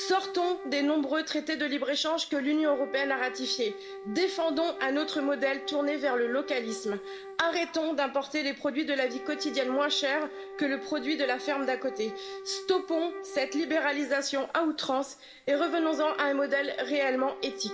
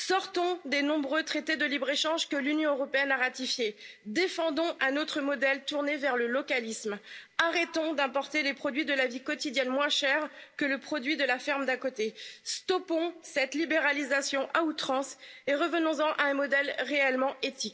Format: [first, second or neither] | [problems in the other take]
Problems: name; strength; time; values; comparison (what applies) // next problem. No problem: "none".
second | background sound (Wind instrument, woodwind instrument); 12 dB below the speech // room echo; dies away in 0.5 s